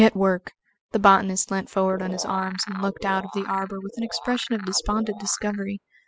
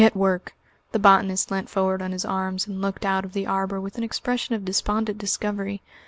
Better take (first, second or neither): second